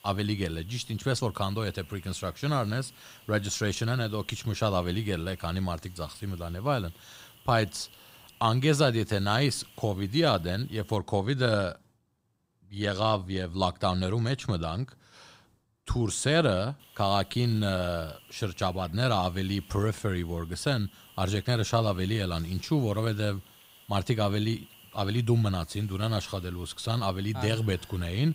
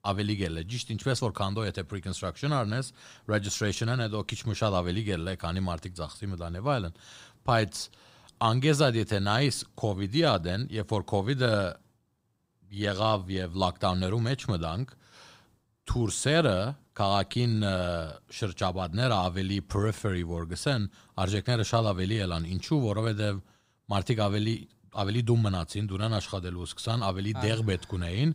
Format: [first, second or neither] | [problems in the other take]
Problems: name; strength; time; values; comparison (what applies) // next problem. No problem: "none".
second | hiss; faint; until 11 s and from 17 s on; 25 dB below the speech